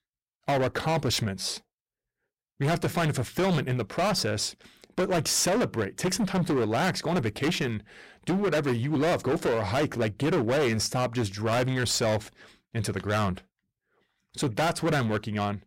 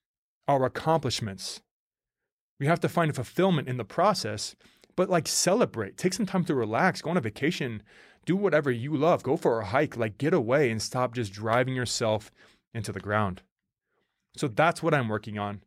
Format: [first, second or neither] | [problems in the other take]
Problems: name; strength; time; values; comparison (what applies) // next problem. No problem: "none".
second | distortion; heavy; 18% of the sound clipped